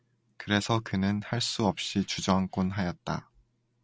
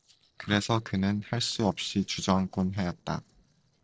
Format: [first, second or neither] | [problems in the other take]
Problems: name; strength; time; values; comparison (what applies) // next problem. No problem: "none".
first | noise reduction (neural separator model SepFormer DNS4)